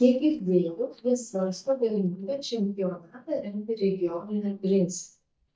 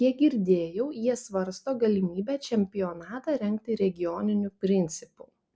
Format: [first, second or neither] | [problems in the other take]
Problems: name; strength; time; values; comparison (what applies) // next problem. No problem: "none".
second | noise reduction (neural mask model DeepFilterNet 3)